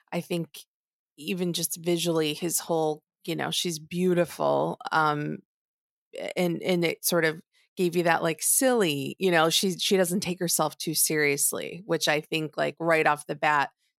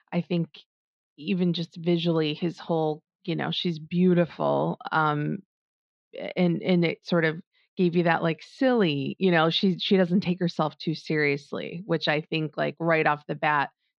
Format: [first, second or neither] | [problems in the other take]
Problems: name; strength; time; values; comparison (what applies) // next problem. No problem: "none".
first | muffled; slightly; fading above 4 kHz